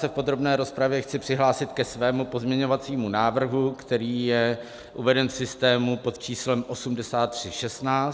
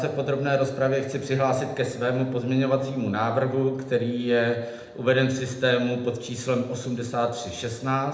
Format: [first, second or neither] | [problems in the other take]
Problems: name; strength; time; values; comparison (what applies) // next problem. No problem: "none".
first | room echo; dies away in 0.7 s